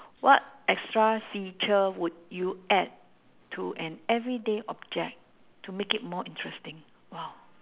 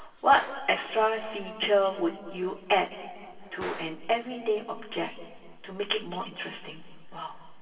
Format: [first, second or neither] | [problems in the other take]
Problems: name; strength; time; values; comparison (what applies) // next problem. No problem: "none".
first | background sound (Gunshot, gunfire); 20 dB below the speech // room echo; dies away in 2.3 s